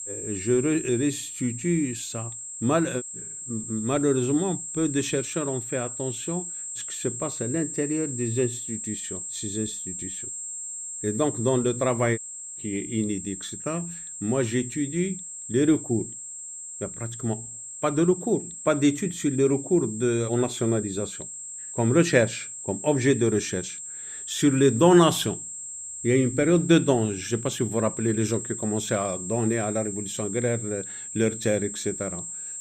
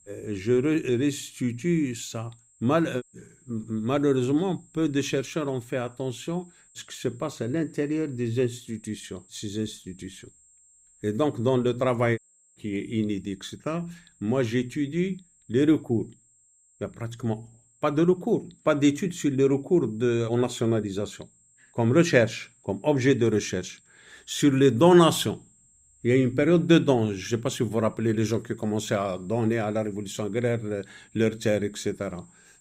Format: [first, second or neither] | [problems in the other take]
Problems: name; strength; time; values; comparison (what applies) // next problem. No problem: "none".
second | high-pitched whine; loud; throughout; 7.5 kHz, 8 dB below the speech; faint in the second